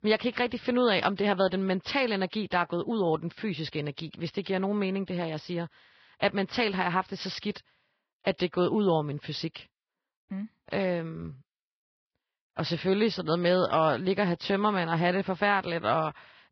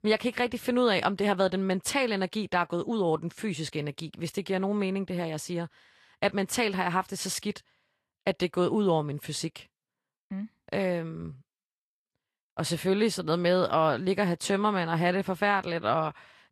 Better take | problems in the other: second | garbled, watery; badly; nothing above 5.5 kHz; slightly in the second

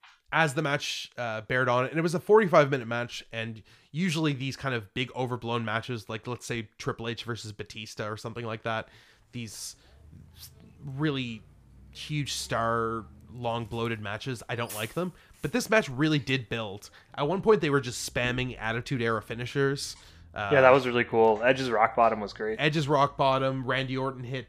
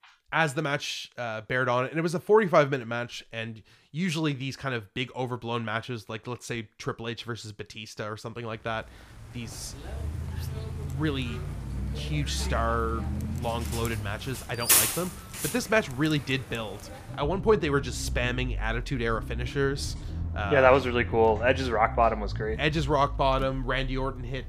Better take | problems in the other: first | traffic noise; loud; from 9 s on; 4 dB below the speech; faint in the first

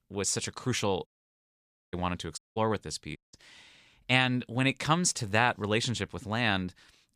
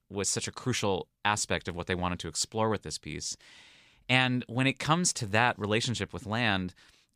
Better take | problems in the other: second | audio cutting out; at 1 s for 1 s, at 2.5 s and at 3 s

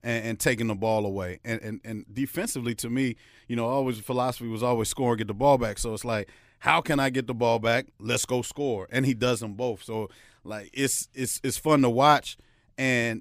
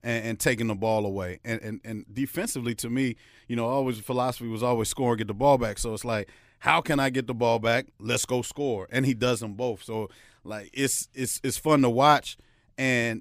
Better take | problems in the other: neither | none

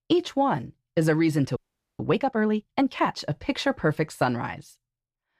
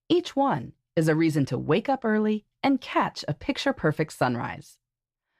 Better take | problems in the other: second | audio freezing; at 1.5 s

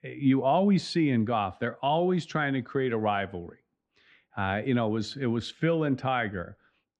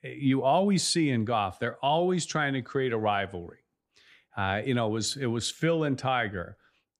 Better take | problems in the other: second | muffled; slightly; fading above 3 kHz

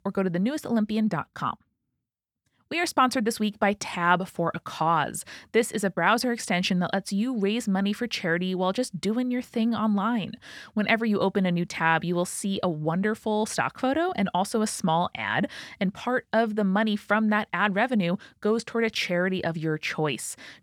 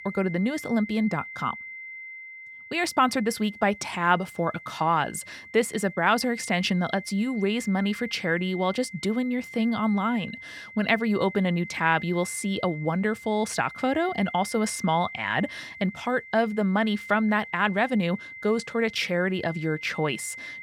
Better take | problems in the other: first | high-pitched whine; noticeable; throughout; 2 kHz, 15 dB below the speech

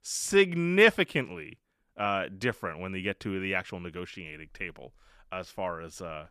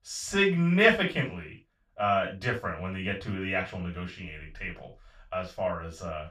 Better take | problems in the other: first | room echo; slight; dies away in 0.2 s // off-mic speech; far

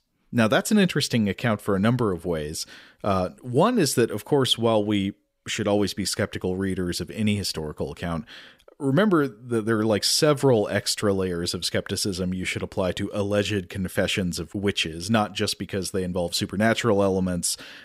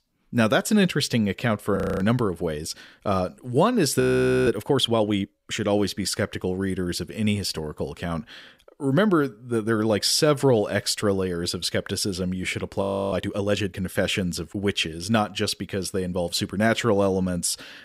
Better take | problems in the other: first | audio freezing; at 2 s, at 4 s and at 13 s

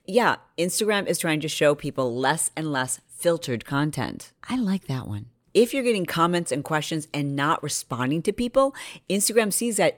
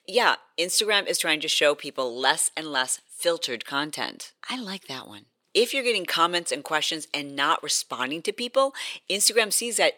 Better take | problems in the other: first | thin; somewhat; fading below 400 Hz

